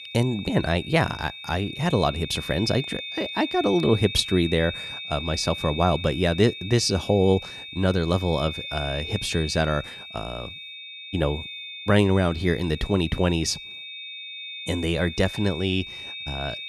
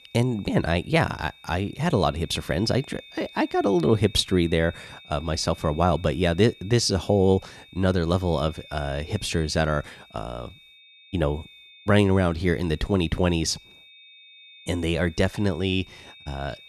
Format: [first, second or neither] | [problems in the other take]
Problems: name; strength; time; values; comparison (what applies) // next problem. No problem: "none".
second | high-pitched whine; loud; throughout; 3.5 kHz, 10 dB below the speech; faint in the second